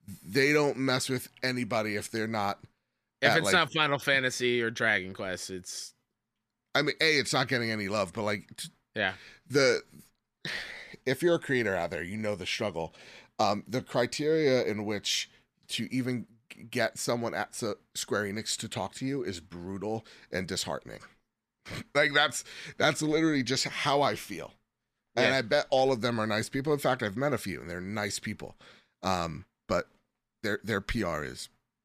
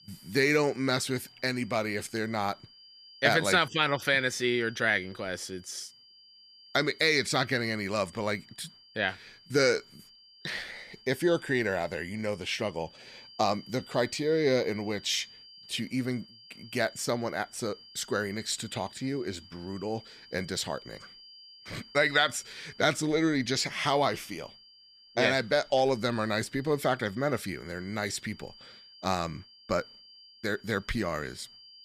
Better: first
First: none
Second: high-pitched whine; faint; throughout; 4.5 kHz, 20 dB below the speech

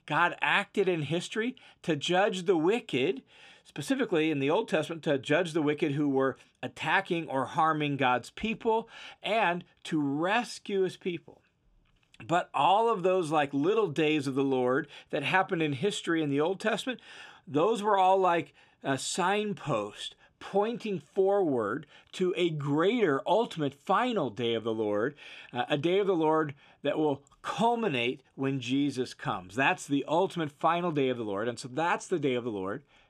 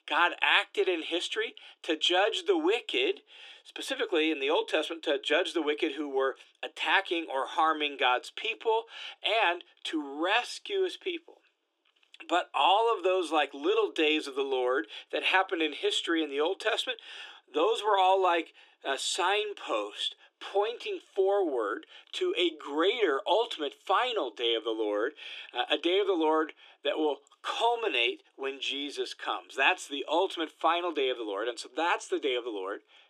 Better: first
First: none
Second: thin; very; fading below 300 Hz

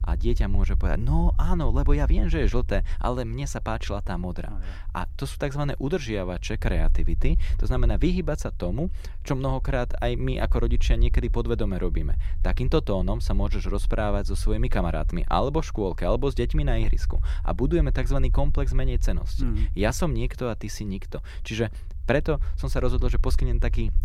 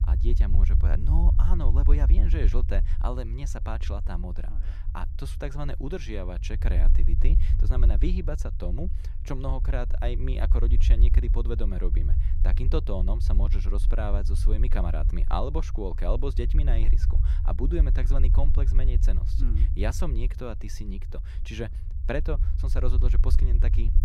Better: first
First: low rumble; faint; throughout; 20 dB below the speech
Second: low rumble; loud; throughout; 9 dB below the speech

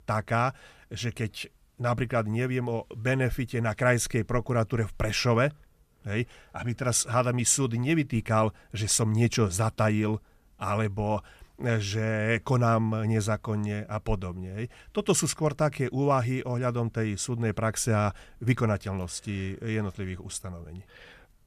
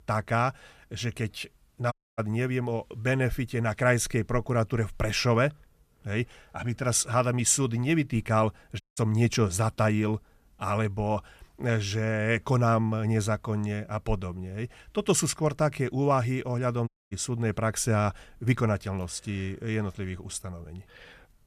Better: first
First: none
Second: audio cutting out; at 2 s, at 9 s and at 17 s

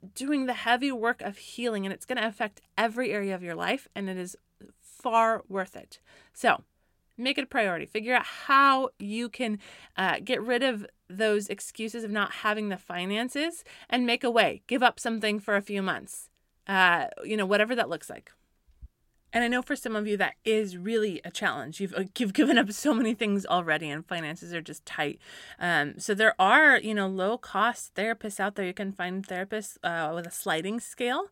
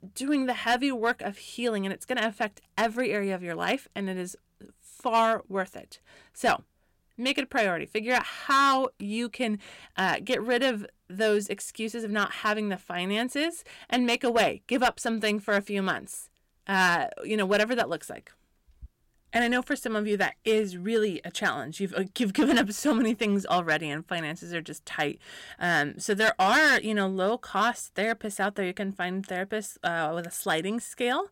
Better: first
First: none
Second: distortion; slight; 3% of the sound clipped

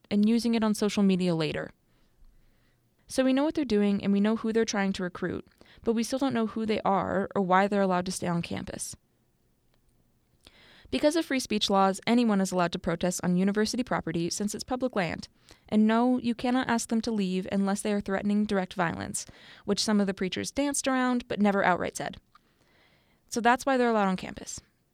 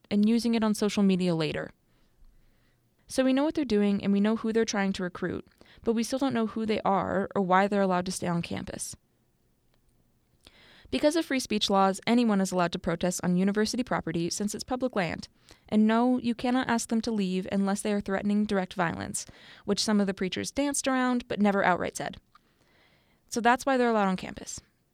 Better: neither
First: none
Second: none

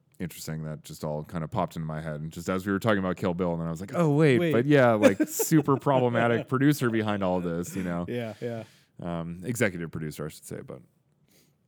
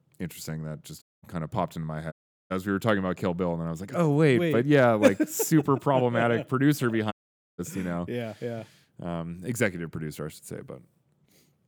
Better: first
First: none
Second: audio cutting out; at 1 s, at 2 s and at 7 s

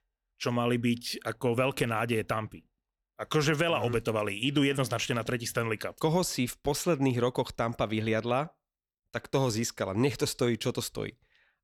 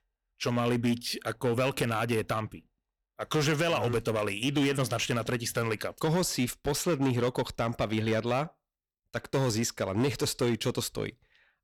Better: first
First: none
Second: distortion; slight; 7% of the sound clipped

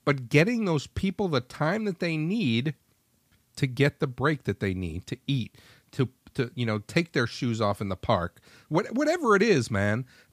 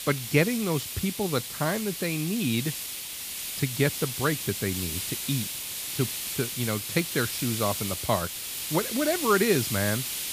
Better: first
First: none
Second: hiss; loud; throughout; 3 dB below the speech

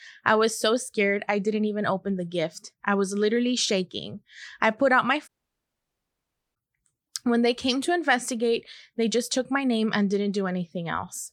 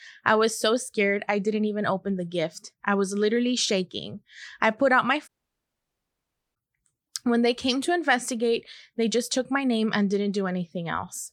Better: neither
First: audio cutting out; at 5.5 s for 1.5 s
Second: audio cutting out; at 5.5 s for 1.5 s

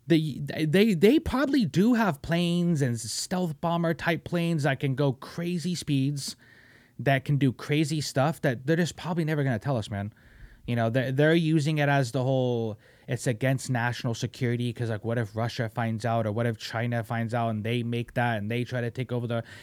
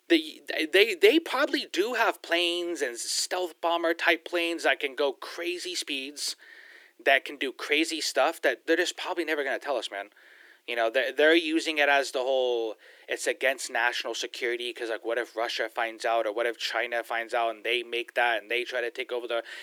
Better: first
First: none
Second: thin; very; fading below 350 Hz

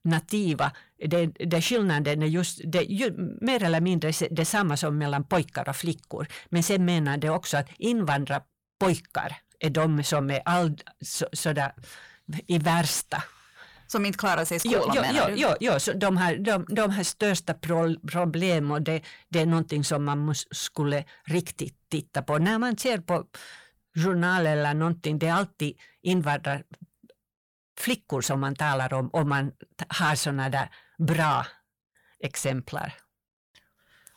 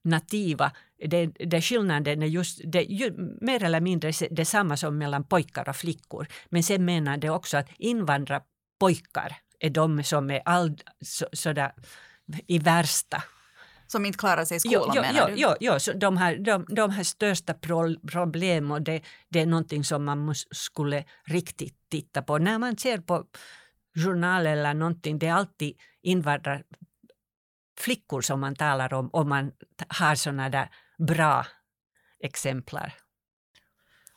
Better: second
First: distortion; slight; 10 dB below the speech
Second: none

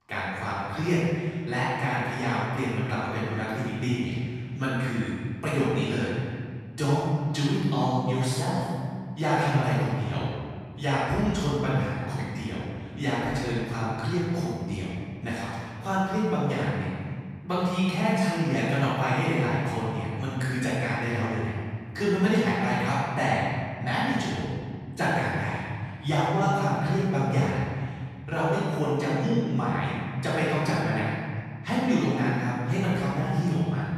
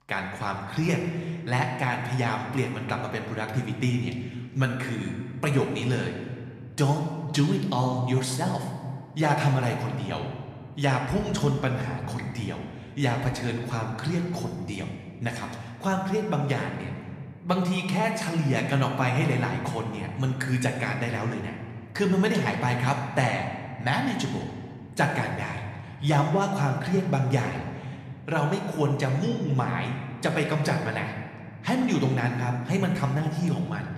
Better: second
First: room echo; strong; dies away in 2 s // off-mic speech; far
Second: room echo; slight; dies away in 1.6 s

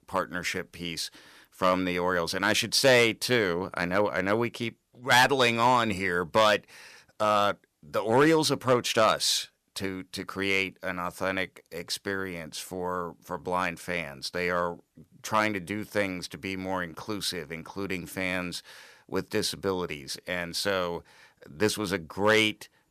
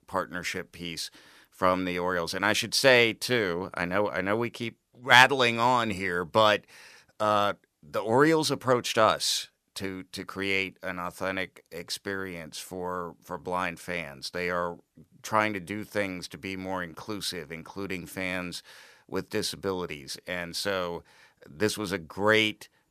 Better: second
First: distortion; slight; 1.1% of the sound clipped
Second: none

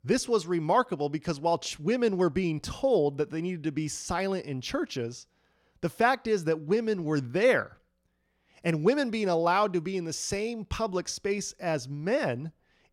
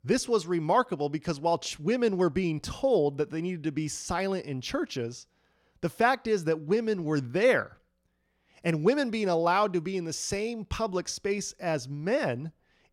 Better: neither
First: none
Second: none

